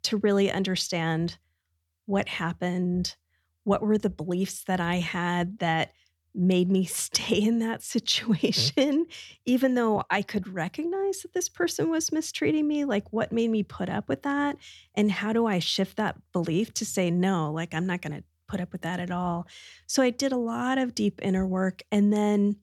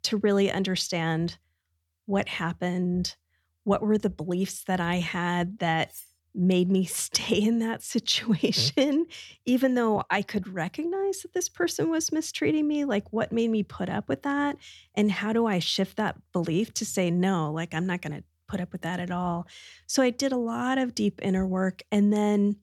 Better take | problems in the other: first | clattering dishes; faint; at 6 s; peak 15 dB below the speech

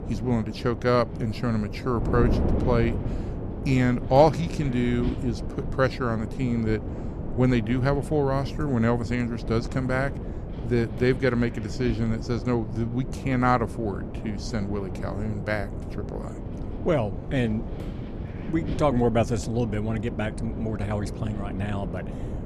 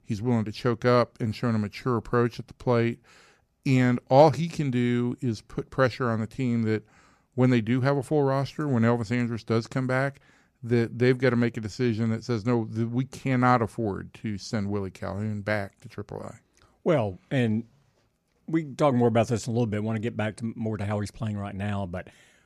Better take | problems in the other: second | wind noise on the microphone; occasional gusts; 10 dB below the speech

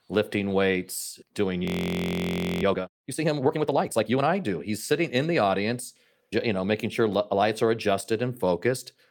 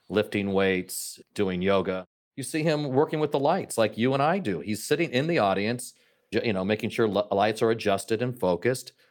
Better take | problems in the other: second | audio freezing; at 1.5 s for 1 s

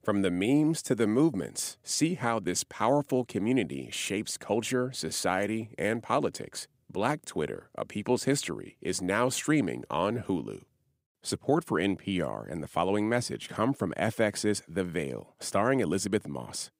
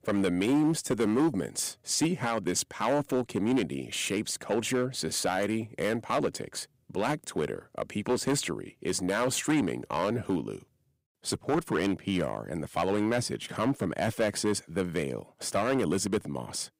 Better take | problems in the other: first | distortion; slight; 5% of the sound clipped

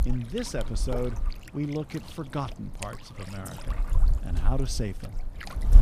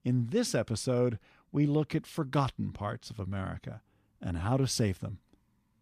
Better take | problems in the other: second | wind noise on the microphone; heavy; 8 dB below the speech

